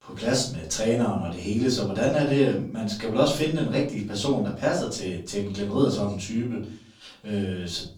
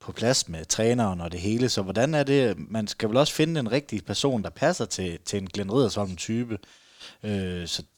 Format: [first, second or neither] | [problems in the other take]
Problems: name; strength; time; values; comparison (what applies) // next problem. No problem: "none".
second | off-mic speech; far // room echo; slight; dies away in 0.4 s